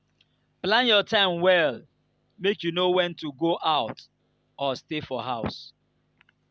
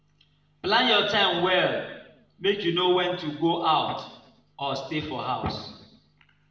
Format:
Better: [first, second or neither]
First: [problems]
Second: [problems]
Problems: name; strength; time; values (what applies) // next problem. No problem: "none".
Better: first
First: none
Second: room echo; dies away in 1 s